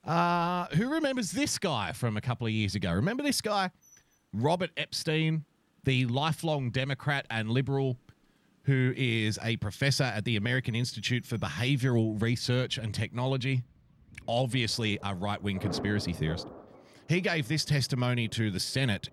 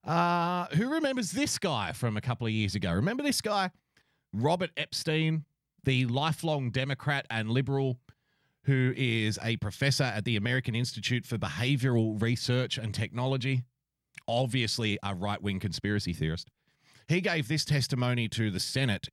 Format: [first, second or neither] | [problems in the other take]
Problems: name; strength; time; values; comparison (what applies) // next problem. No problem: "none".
second | rain or running water; noticeable; throughout; 20 dB below the speech